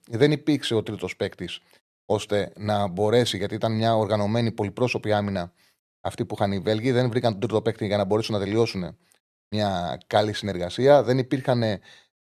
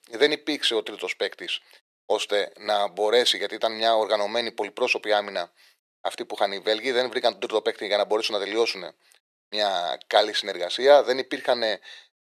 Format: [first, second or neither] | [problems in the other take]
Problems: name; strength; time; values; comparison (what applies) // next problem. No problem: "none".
first | thin; very; fading below 400 Hz